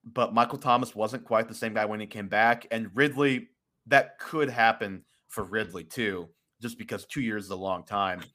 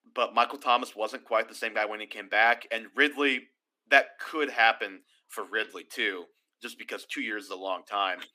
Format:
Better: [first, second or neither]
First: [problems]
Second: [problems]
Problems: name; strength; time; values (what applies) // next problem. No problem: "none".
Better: first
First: none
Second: thin; very slightly; fading below 300 Hz